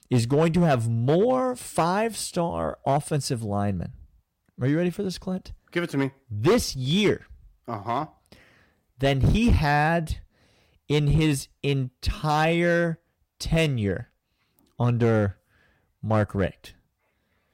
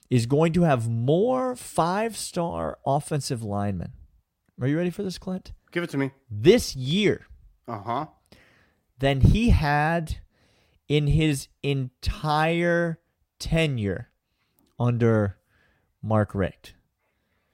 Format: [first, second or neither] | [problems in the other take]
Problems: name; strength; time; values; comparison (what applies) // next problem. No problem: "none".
second | distortion; slight; 3% of the sound clipped